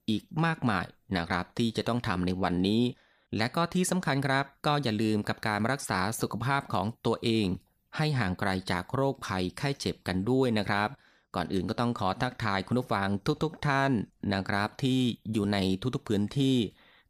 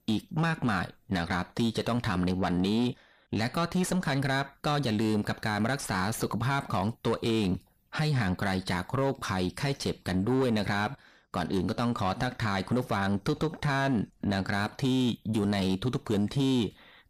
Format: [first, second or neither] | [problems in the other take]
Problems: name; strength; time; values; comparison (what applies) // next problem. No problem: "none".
first | distortion; slight; 10 dB below the speech